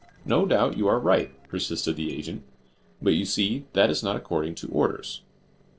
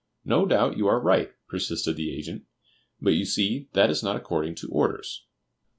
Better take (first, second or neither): second